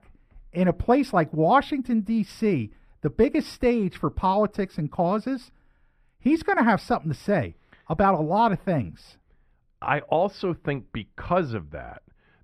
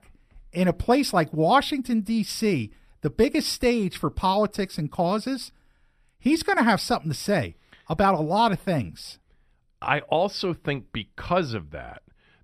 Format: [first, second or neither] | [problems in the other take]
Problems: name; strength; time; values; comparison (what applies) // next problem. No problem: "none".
second | muffled; slightly; fading above 3 kHz